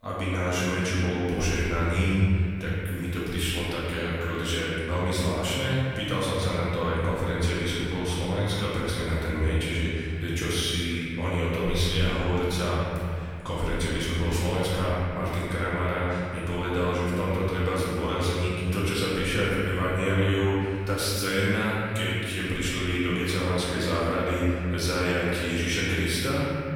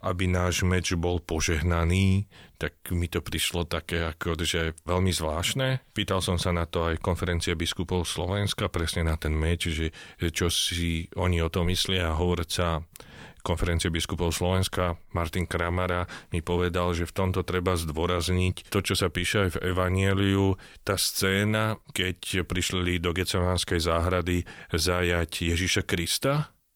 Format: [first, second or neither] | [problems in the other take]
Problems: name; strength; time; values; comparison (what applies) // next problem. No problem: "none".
second | room echo; strong; dies away in 2.5 s // off-mic speech; far